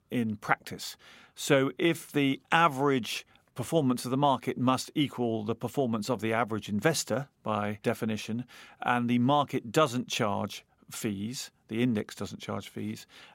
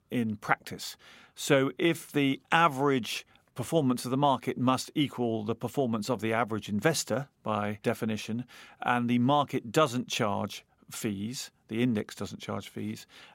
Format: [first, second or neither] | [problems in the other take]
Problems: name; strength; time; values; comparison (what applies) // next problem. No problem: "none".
neither | none